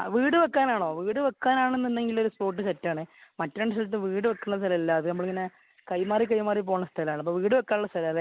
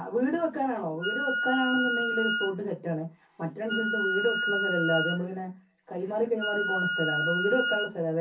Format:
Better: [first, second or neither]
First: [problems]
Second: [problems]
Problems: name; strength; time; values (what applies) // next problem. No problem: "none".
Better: first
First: none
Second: background sound (Wind instrument, woodwind instrument); 1 dB below the speech // room echo; dies away in 0.3 s